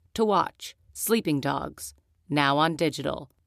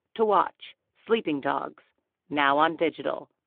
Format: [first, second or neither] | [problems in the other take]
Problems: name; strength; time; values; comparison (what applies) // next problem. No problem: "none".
first | phone-call audio